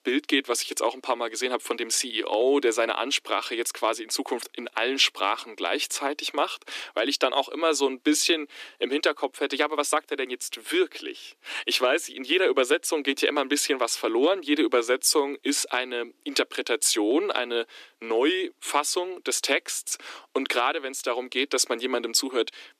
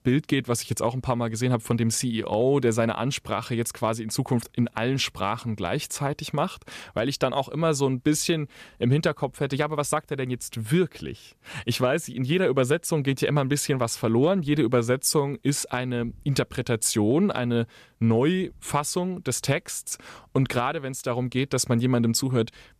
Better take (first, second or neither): second